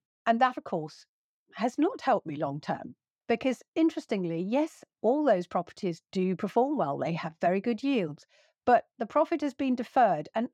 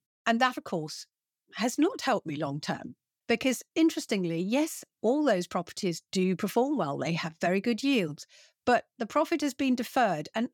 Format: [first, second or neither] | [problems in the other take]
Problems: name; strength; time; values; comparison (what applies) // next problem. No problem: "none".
second | muffled; slightly; fading above 2 kHz